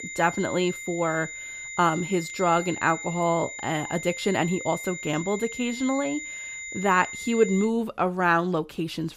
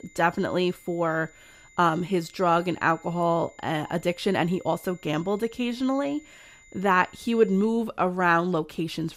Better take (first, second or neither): second